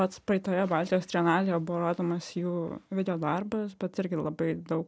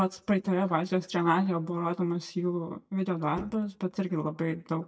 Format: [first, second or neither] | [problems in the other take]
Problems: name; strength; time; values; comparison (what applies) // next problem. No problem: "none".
first | noise reduction (neural mask model DeepFilterNet 3)